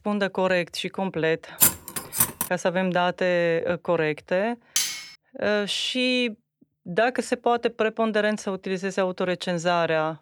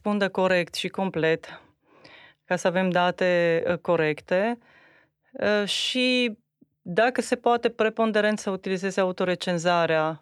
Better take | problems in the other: second | clattering dishes; loud; at 1.5 s and at 5 s; peak 6 dB above the speech

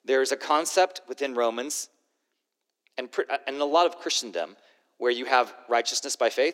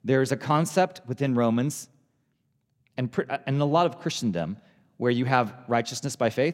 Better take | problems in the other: second | thin; very; fading below 350 Hz

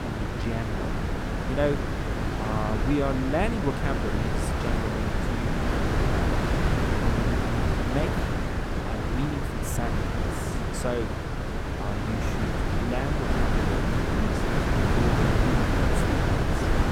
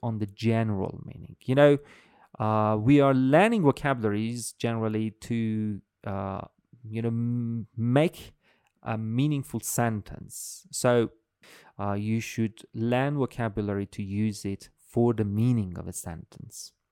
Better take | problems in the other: second | wind noise on the microphone; heavy; 4 dB above the speech

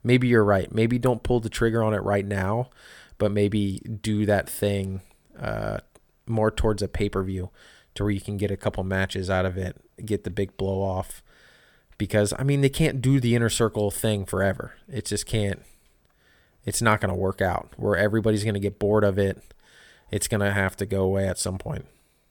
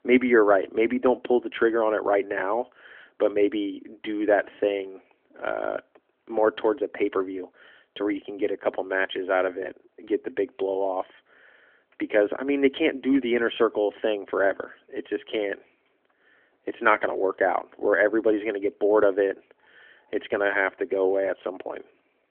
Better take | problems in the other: first | phone-call audio; nothing above 3.5 kHz

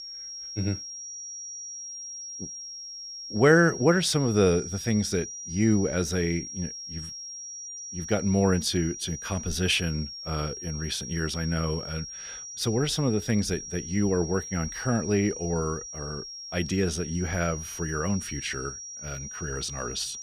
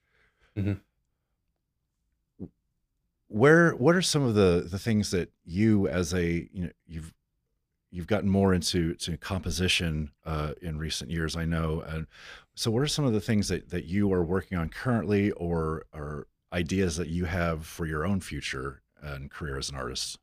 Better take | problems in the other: second | high-pitched whine; loud; throughout; 5.5 kHz, 9 dB below the speech

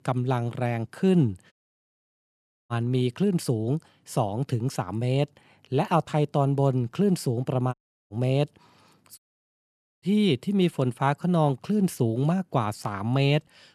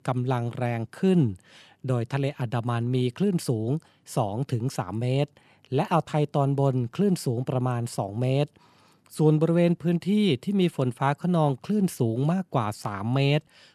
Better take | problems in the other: second | audio cutting out; at 1.5 s for 1 s, at 7.5 s and at 9 s for 1 s

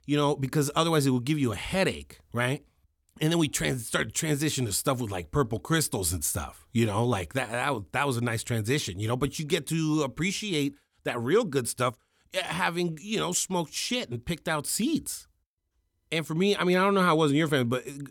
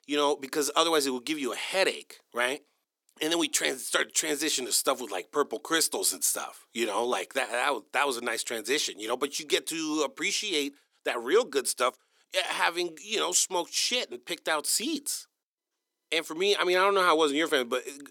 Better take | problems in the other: first | thin; somewhat; fading below 350 Hz

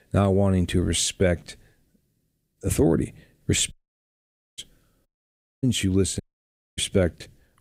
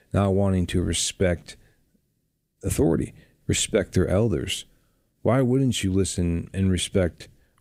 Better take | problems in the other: second | audio cutting out; at 3.5 s for 1 s, at 5 s for 0.5 s and at 6 s for 0.5 s

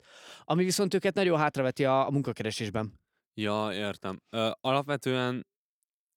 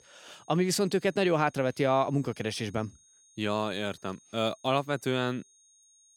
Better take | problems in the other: first | high-pitched whine; faint; throughout; 6.5 kHz, 30 dB below the speech

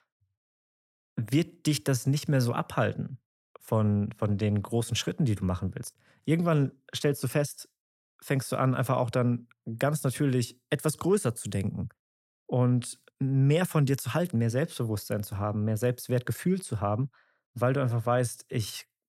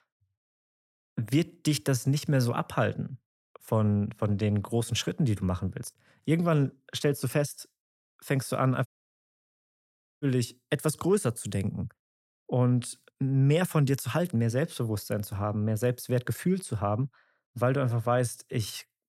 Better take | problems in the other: first | audio cutting out; at 9 s for 1.5 s

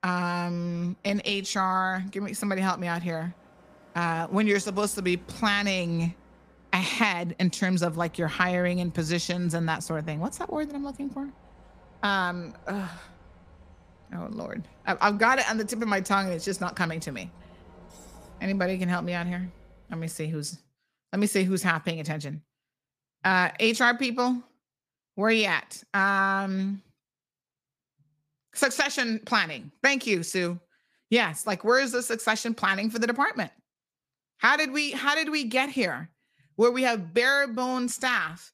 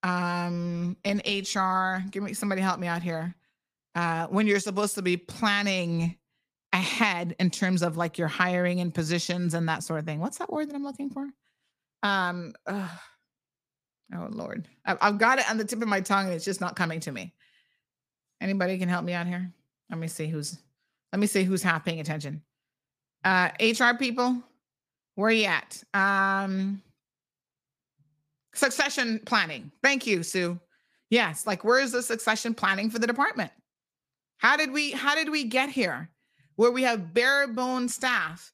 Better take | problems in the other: second | traffic noise; faint; until 20 s; 25 dB below the speech

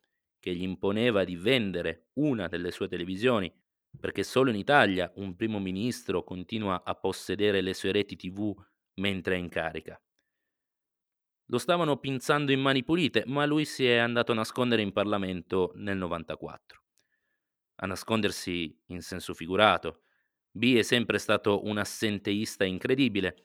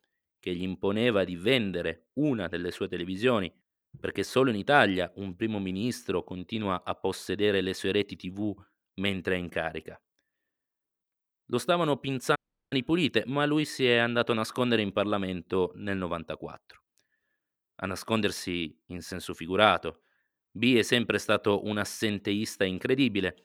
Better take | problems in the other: first | audio cutting out; at 12 s

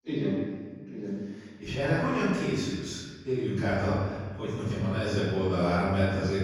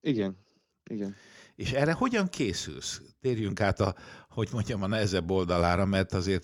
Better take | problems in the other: second | off-mic speech; far // room echo; strong; dies away in 1.5 s

